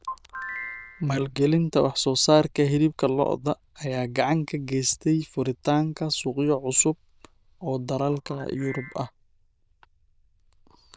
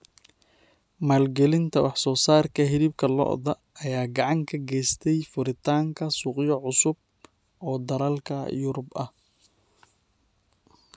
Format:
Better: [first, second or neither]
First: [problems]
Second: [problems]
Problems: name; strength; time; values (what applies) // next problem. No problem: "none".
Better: second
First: noise reduction (neural diffusion model UNIVERSE++)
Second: none